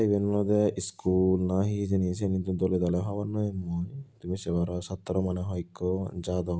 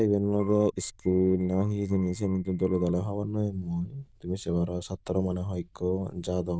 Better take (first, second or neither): first